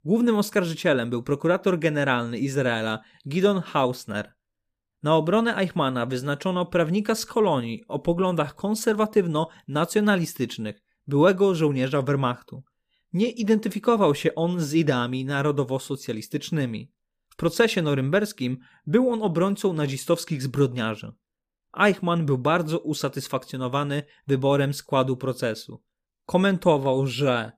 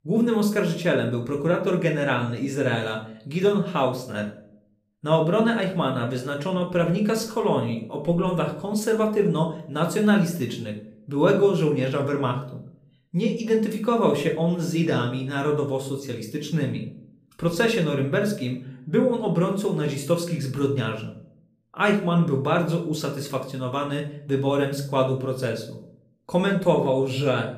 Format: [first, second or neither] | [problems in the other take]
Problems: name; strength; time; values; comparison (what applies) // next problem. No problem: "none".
first | room echo; slight; dies away in 0.5 s // off-mic speech; somewhat distant